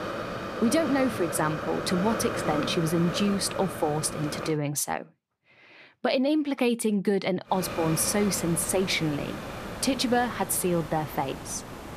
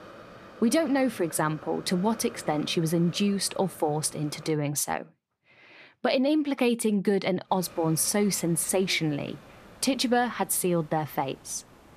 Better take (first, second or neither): second